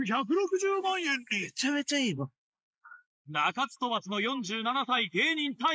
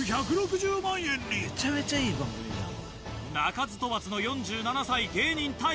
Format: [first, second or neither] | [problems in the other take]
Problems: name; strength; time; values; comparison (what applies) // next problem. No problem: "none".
second | noise reduction (neural mask model Resemble Enhance denoiser)